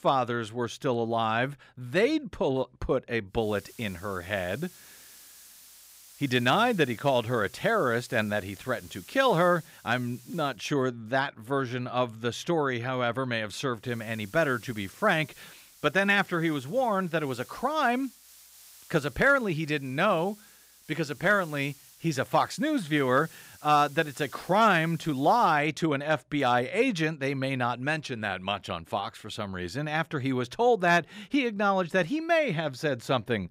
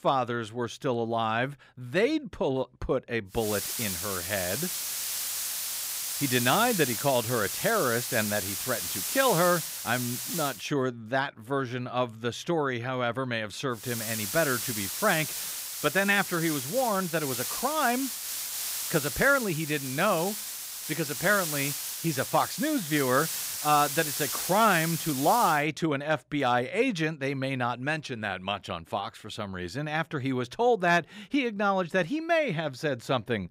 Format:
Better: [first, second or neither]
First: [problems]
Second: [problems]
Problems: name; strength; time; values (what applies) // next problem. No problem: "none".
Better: first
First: hiss; faint; from 3.5 to 11 s and from 14 to 26 s; 25 dB below the speech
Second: hiss; loud; from 3.5 to 11 s and from 14 to 26 s; 3 dB below the speech